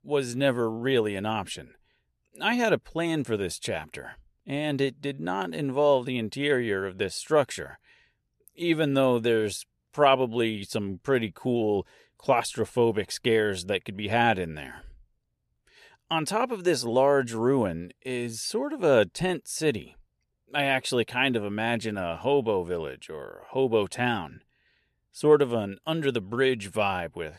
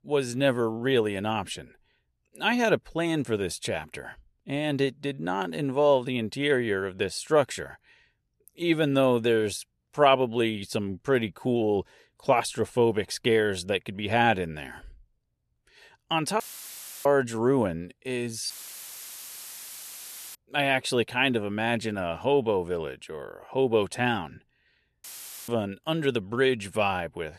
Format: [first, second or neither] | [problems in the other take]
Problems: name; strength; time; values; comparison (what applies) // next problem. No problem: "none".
first | audio cutting out; filled with static; at 16 s for 0.5 s, at 19 s for 2 s and at 25 s